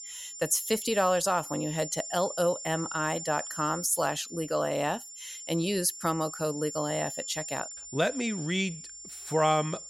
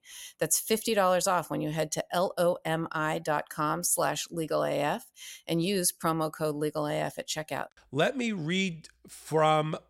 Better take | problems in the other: second | high-pitched whine; loud; throughout; 7 kHz, 9 dB below the speech

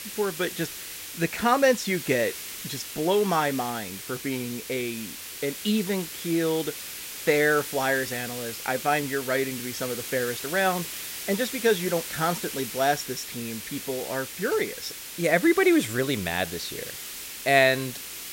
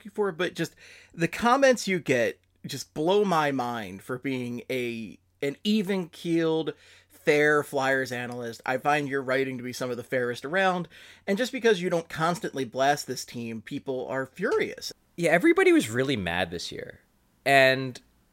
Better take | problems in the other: second | hiss; loud; throughout; 8 dB below the speech

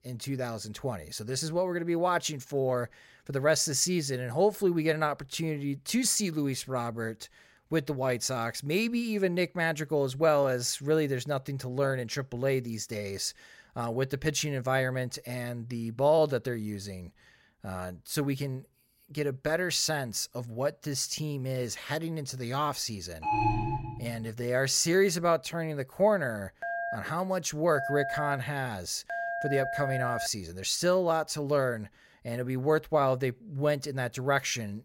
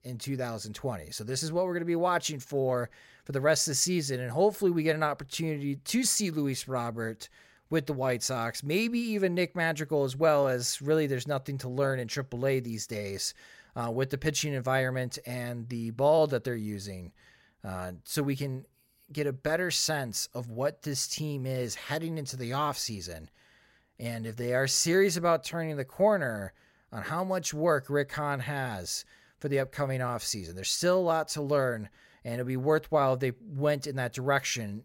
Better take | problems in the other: second | alarm; loud; at 23 s; peak 2 dB above the speech // phone ringing; noticeable; from 27 to 30 s; peak 3 dB below the speech

